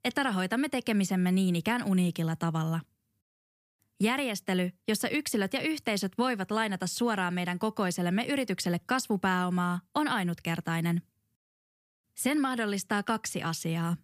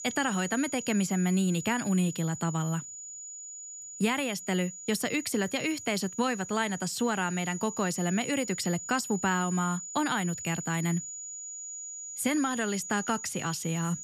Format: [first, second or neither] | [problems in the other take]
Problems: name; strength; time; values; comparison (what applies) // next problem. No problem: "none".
first | high-pitched whine; loud; throughout; 7 kHz, 8 dB below the speech